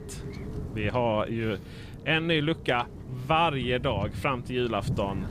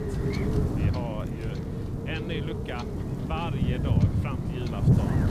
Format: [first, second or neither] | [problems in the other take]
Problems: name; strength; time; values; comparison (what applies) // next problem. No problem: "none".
first | wind noise on the microphone; heavy; 2 dB above the speech; occasional gusts in the first